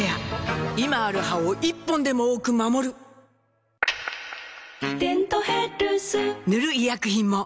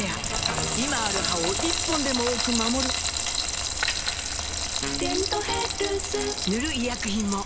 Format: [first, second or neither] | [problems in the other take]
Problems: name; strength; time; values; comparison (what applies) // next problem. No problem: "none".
first | background sound (Frying (food)); 1 dB above the speech